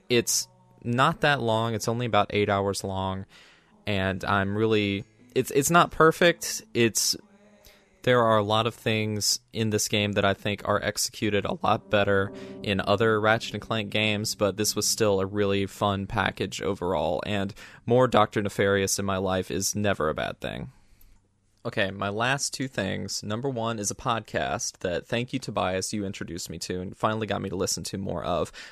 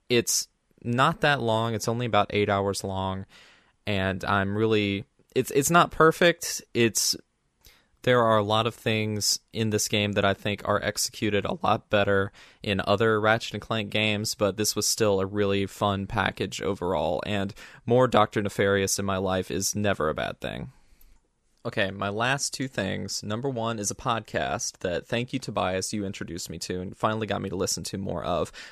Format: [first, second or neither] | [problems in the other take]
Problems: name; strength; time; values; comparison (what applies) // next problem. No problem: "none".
second | background music; faint; throughout; 25 dB below the speech